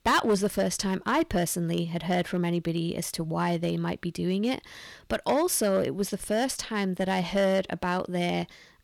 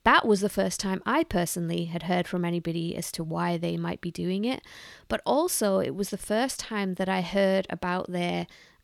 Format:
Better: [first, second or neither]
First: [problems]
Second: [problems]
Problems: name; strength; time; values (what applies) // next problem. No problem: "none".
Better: second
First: distortion; slight; 4% of the sound clipped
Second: none